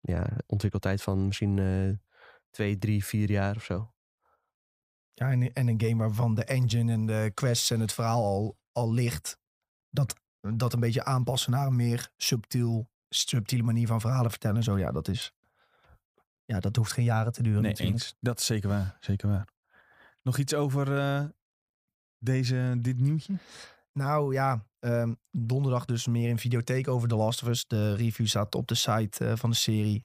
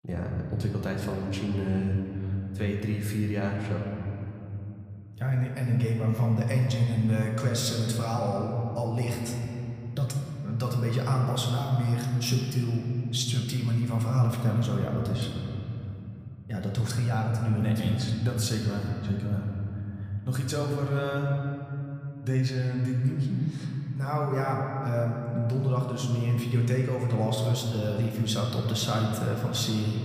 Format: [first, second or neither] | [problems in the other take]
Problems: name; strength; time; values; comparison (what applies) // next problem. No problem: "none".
first | room echo; noticeable; dies away in 3 s // off-mic speech; somewhat distant